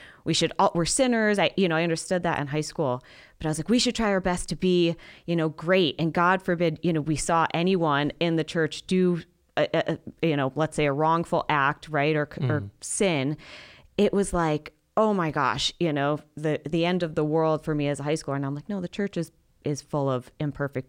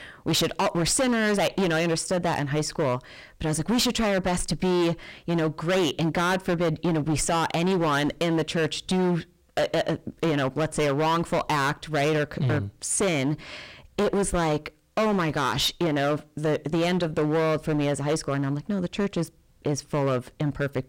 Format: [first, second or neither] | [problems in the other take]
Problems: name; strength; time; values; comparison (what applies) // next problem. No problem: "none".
first | distortion; heavy; 18% of the sound clipped